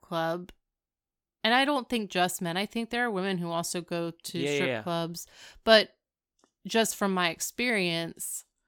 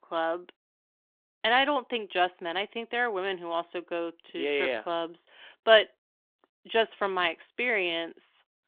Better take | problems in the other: first | phone-call audio

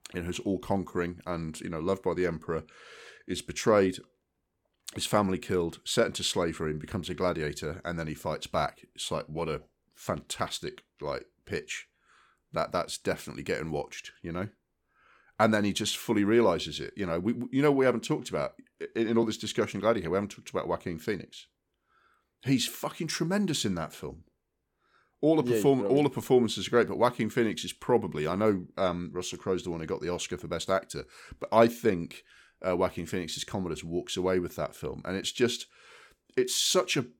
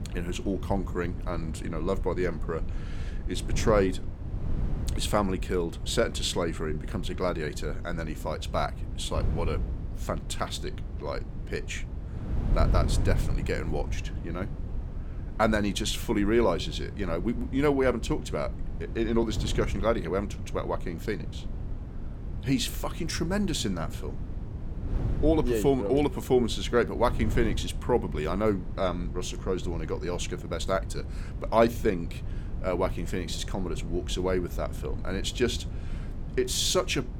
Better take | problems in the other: first | wind noise on the microphone; occasional gusts; 15 dB below the speech

